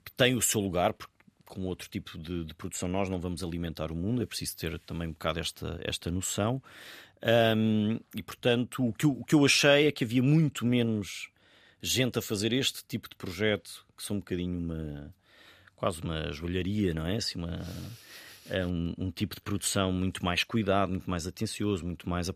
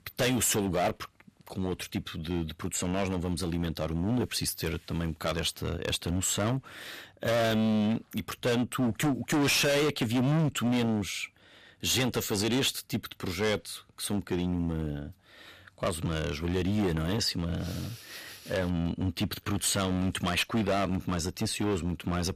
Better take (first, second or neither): first